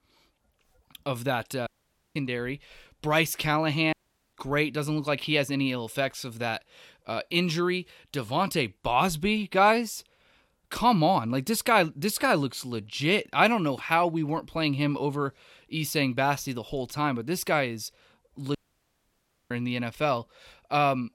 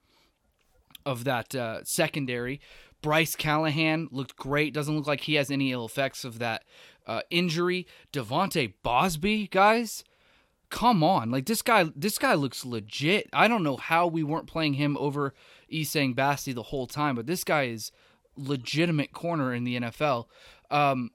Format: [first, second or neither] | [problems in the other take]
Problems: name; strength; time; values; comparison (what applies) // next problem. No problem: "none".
second | audio cutting out; at 1.5 s, at 4 s and at 19 s for 1 s